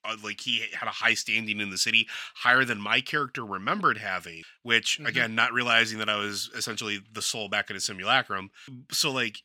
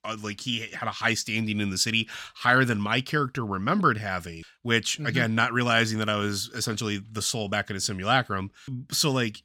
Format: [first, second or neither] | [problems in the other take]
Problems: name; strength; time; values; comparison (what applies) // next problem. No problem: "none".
second | thin; somewhat; fading below 700 Hz